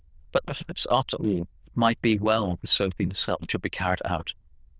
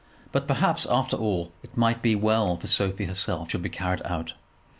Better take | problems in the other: second | noise reduction (neural diffusion model UNIVERSE++)

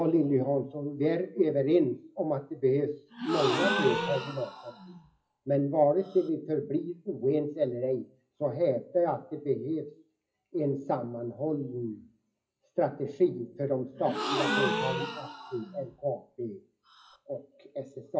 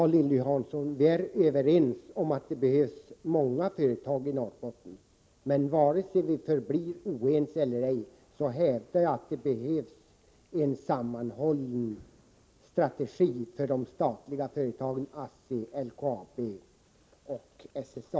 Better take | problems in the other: second | noise reduction (classical method WPE with log-MMSE)

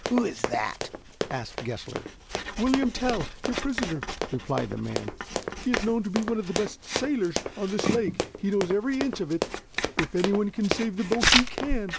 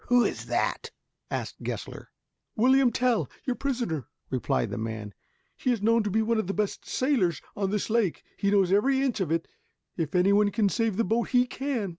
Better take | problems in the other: second | background sound (Run + Writing); 2 dB below the speech

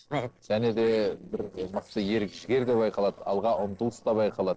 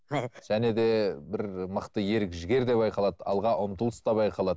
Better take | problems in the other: second | noise reduction (neural separator model SepFormer DNS4)

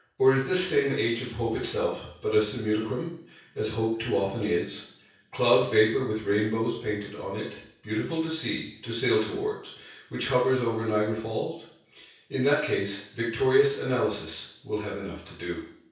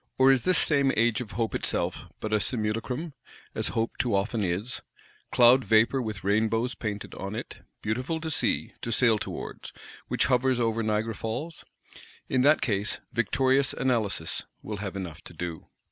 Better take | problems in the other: second | room echo; dies away in 0.6 s

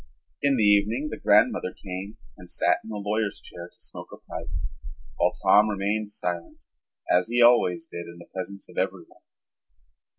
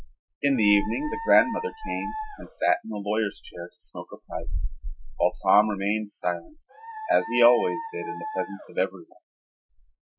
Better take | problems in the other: first | noise reduction (classical method Wiener filter)

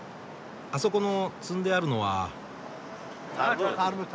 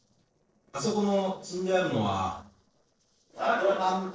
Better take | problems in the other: first | noise reduction (neural separator model SepFormer DNS4)

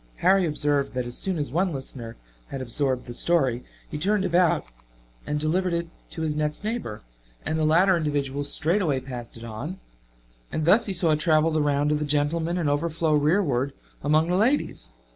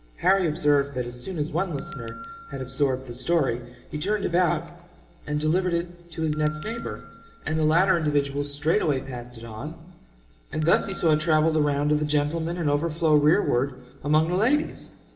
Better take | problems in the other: first | background sound (Bell); 18 dB below the speech // room echo; dies away in 0.9 s

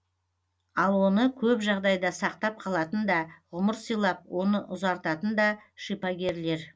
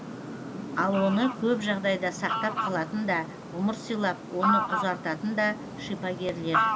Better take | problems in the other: first | background sound (Fowl); 3 dB below the speech

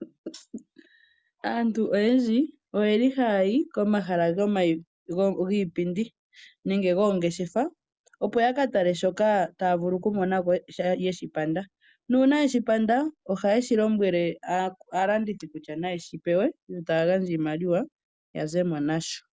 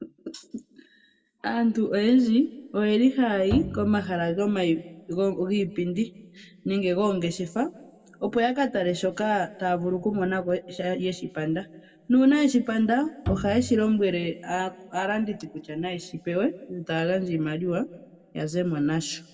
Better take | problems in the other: first | background sound (Bowed string instrument); 9 dB below the speech // room echo; dies away in 0.9 s

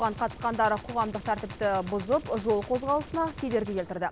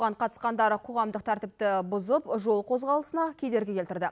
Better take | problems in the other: second | background sound (Gunshot, gunfire); 13 dB below the speech

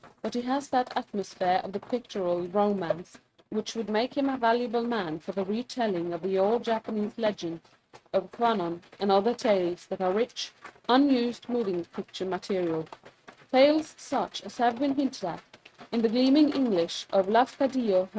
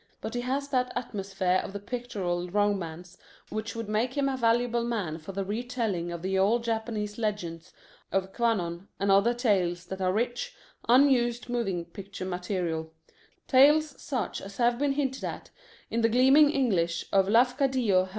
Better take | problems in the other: second | noise reduction (neural mask model RNNoise)

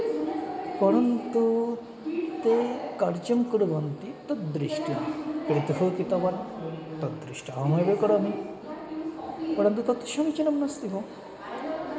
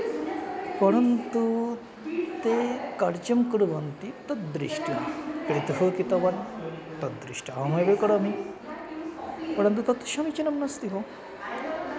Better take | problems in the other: second | room echo; dies away in 1.9 s

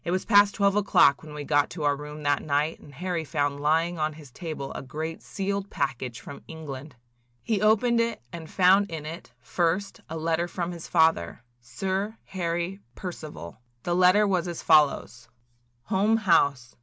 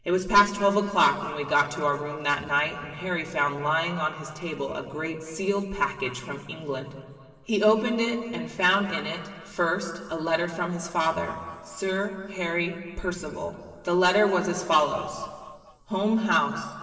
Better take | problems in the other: first | room echo; dies away in 2 s

